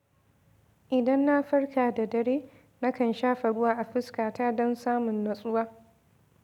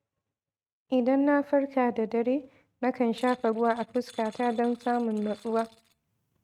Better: first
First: none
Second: noise reduction (neural mask model RNNoise)

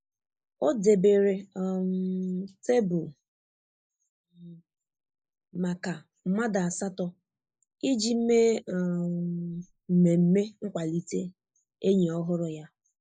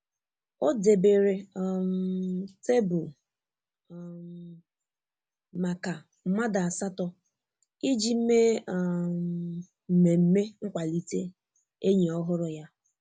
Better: second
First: noise reduction (neural mask model Resemble Enhance denoiser)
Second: none

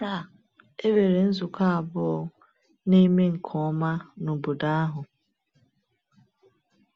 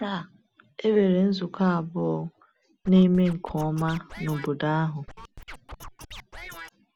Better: first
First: none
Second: background sound (Scratching (performance technique)); 16 dB below the speech

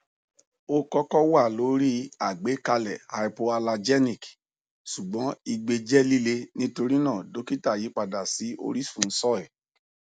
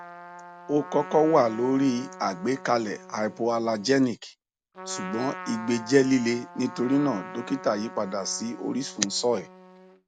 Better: first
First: none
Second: background sound (Trumpet); 16 dB below the speech

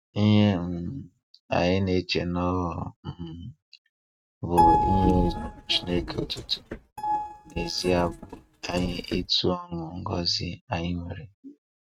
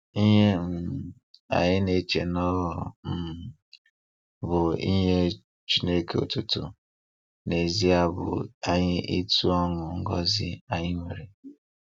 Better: second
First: noise reduction (neural mask model RNNoise)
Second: none

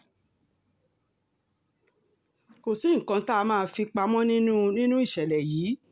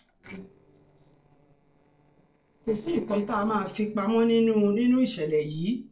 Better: first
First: none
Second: noise reduction (neural separator model SepFormer DNS4)

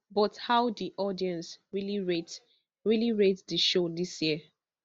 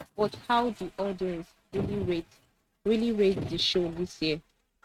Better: first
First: none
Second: noise reduction (neural mask model RNNoise)

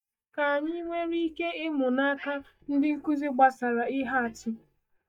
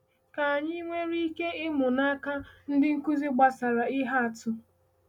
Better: second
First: noise reduction (neural mask model DeepFilterNet 3)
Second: none

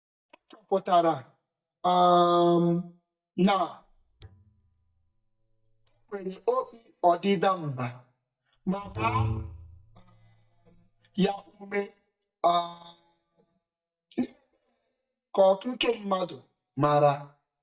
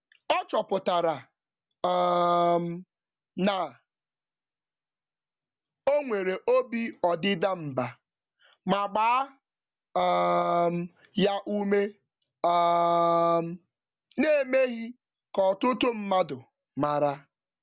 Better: second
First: noise reduction (neural mask model DeepFilterNet 3)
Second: none

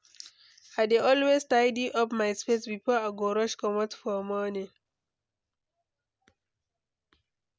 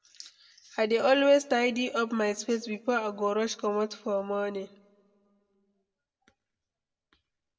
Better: first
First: none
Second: room echo; dies away in 0.8 s

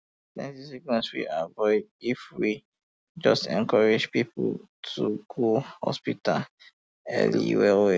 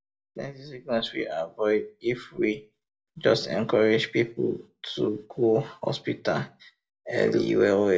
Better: first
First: none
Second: room echo; dies away in 0.2 s

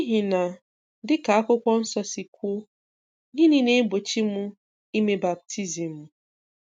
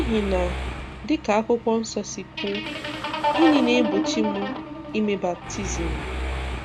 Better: first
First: none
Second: background sound (Guitar + Mechanisms); 3 dB below the speech

